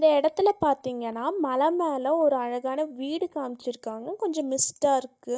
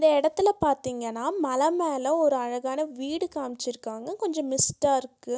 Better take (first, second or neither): second